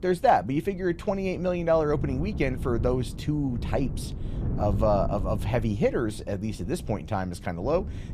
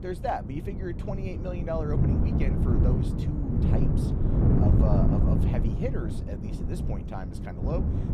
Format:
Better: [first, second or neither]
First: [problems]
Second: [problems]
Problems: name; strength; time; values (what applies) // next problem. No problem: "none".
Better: first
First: wind noise on the microphone; occasional gusts; 15 dB below the speech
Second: wind noise on the microphone; heavy; as loud as the speech